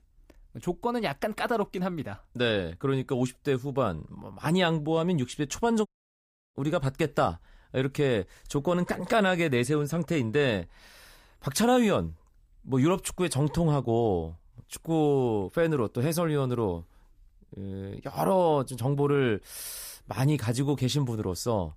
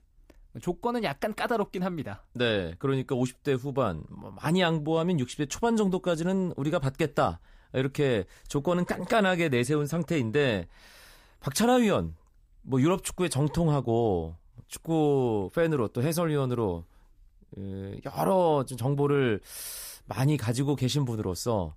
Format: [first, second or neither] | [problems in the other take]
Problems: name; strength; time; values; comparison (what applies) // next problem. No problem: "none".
second | audio cutting out; at 6 s for 0.5 s